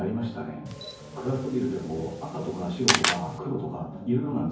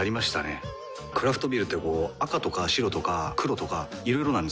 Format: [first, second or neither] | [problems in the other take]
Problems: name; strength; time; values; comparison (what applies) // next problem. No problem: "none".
second | background sound (Camera); 1 dB below the speech // room echo; dies away in 0.9 s